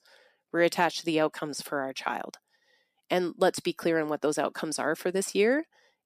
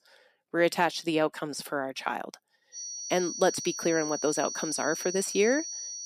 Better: first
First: none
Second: high-pitched whine; loud; from 3 s on; 6 kHz, 6 dB below the speech

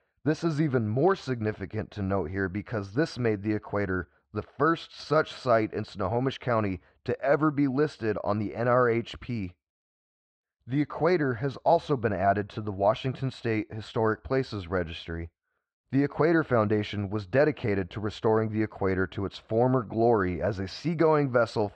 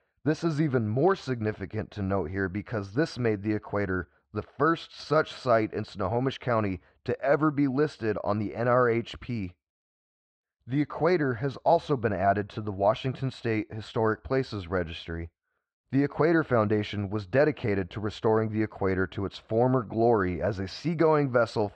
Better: neither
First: muffled; slightly; fading above 3.5 kHz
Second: muffled; slightly; fading above 3.5 kHz

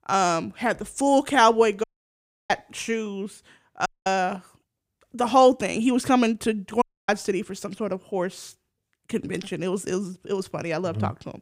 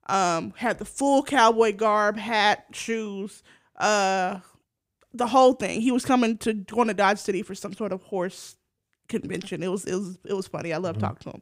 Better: second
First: audio cutting out; at 2 s for 0.5 s, at 4 s and at 7 s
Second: none

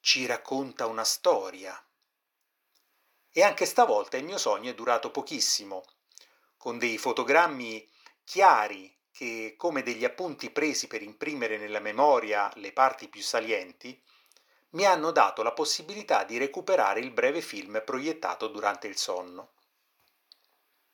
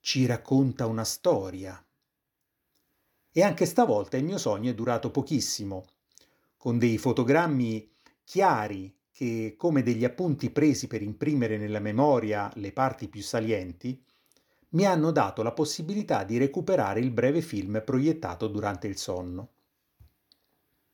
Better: second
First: thin; very; fading below 600 Hz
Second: none

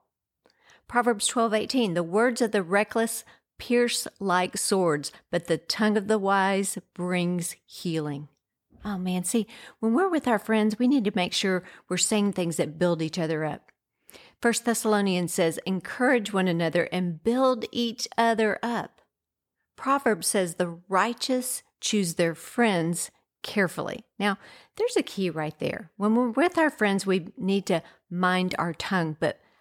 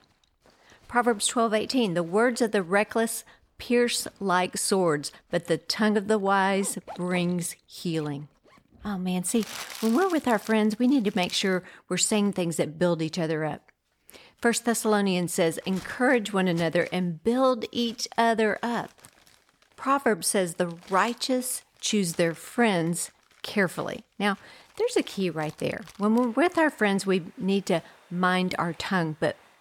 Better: first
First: none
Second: household noises; faint; throughout; 20 dB below the speech

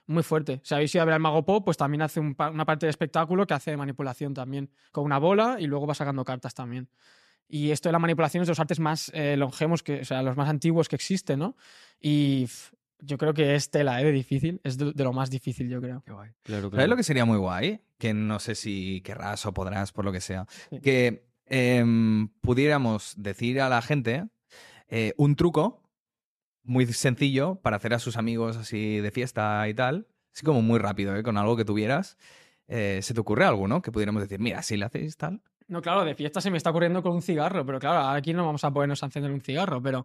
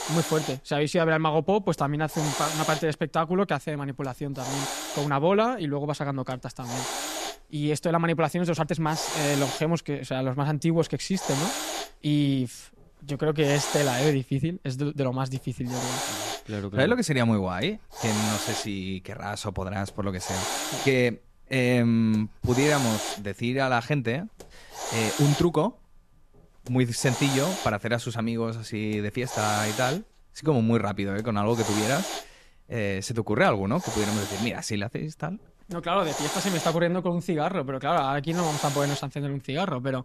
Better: first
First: none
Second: hiss; loud; throughout; 5 dB below the speech

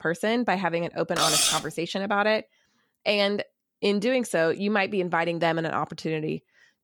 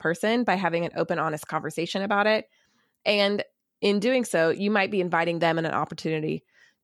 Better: second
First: clattering dishes; loud; at 1 s; peak 6 dB above the speech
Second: none

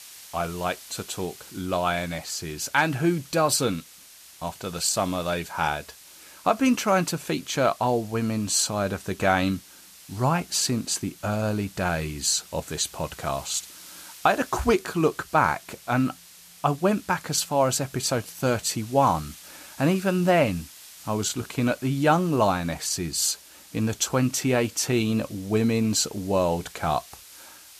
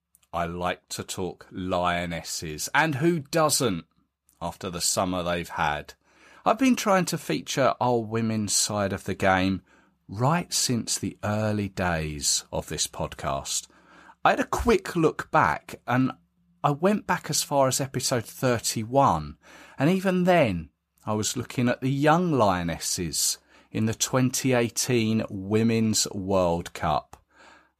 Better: second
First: hiss; noticeable; throughout; 20 dB below the speech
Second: none

